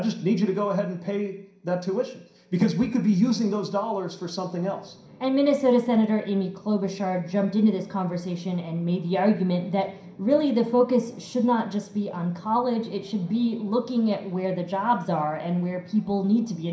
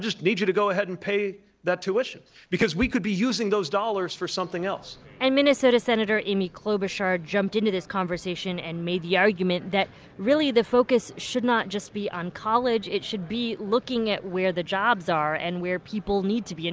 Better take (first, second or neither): second